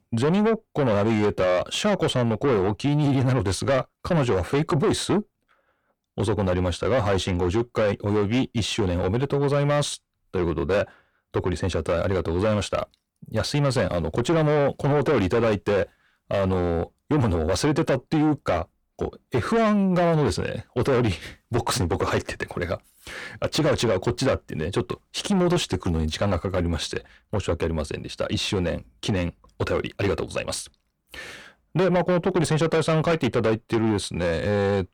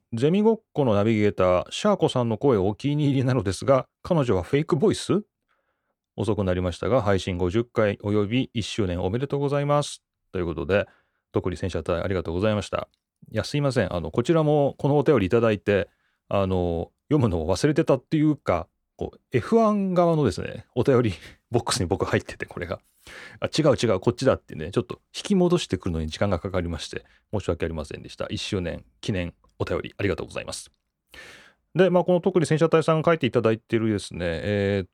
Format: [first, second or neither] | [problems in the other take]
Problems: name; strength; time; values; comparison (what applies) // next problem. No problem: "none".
second | distortion; heavy; 7 dB below the speech